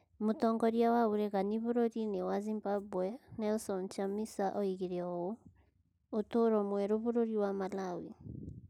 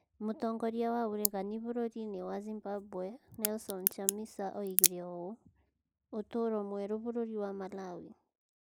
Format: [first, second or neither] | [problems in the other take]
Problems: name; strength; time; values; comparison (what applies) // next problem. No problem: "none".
first | noise reduction (neural mask model Resemble Enhance denoiser)